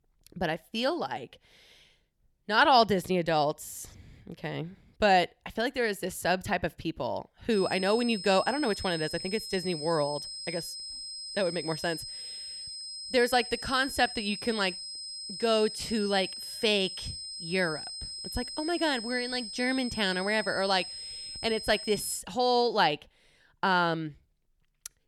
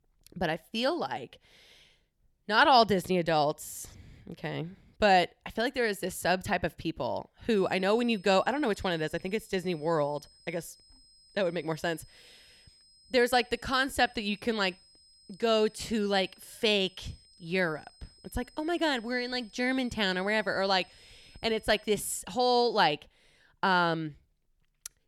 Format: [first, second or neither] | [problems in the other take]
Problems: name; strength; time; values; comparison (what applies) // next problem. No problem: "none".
second | high-pitched whine; loud; from 7.5 to 22 s; 5 kHz, 9 dB below the speech; faint in the second